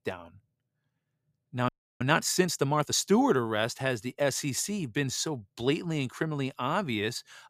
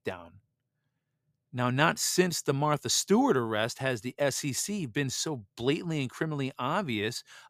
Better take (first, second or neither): second